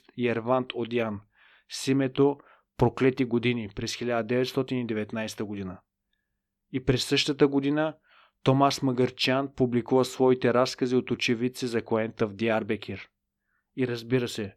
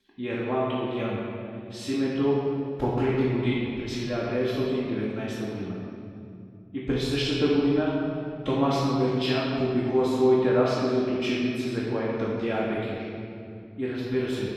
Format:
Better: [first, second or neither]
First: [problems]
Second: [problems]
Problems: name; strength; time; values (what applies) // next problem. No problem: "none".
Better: first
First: none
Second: room echo; strong; dies away in 2.9 s // off-mic speech; far